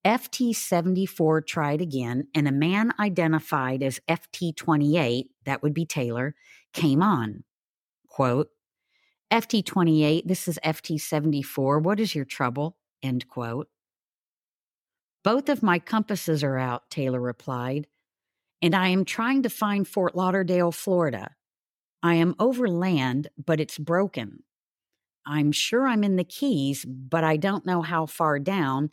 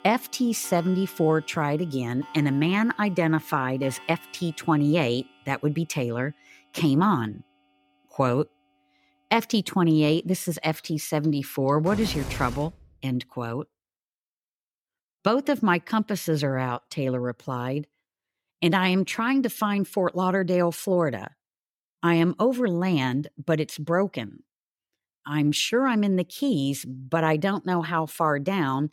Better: first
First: none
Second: household noises; noticeable; until 13 s; 15 dB below the speech

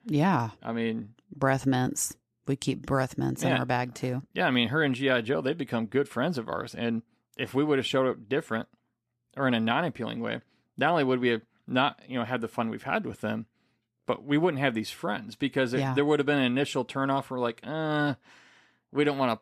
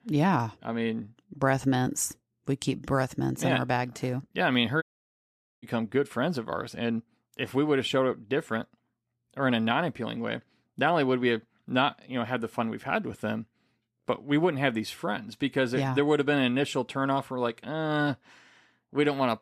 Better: first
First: none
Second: audio cutting out; at 5 s for 1 s

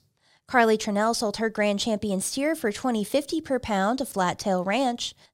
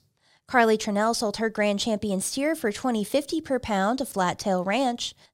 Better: neither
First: none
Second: none

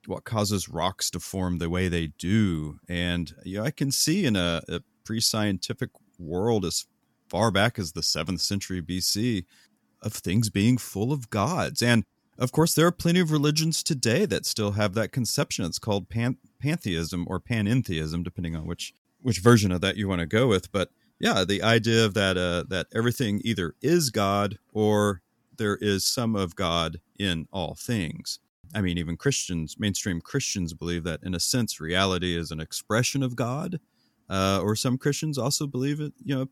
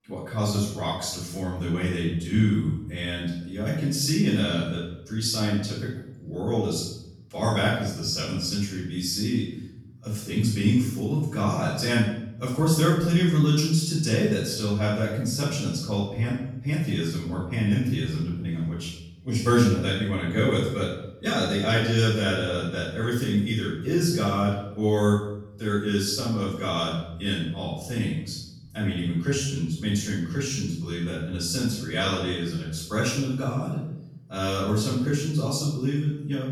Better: first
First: none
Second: off-mic speech; far // room echo; noticeable; dies away in 0.8 s

